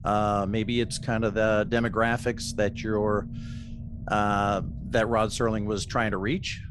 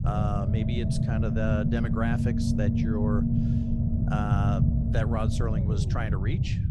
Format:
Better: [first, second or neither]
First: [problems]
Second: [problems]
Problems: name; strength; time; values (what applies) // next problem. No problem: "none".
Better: first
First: low rumble; faint; throughout; 20 dB below the speech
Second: low rumble; loud; throughout; 1 dB below the speech